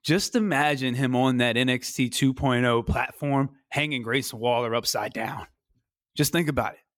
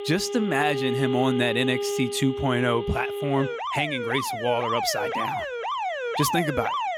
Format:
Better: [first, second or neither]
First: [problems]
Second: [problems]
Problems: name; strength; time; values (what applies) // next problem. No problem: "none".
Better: first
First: none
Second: alarms or sirens; loud; throughout; 3 dB below the speech